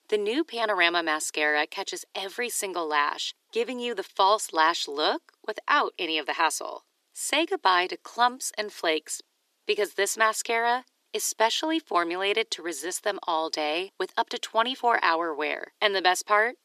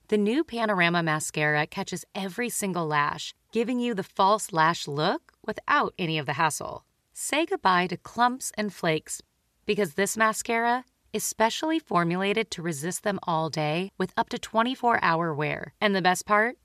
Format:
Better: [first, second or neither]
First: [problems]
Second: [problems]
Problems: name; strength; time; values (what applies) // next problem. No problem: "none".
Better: second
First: thin; somewhat; fading below 300 Hz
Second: none